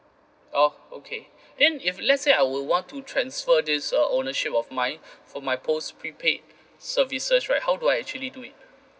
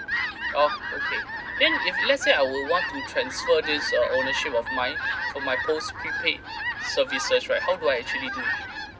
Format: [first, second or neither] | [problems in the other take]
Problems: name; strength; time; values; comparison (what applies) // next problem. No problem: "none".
first | background sound (Fowl); 4 dB below the speech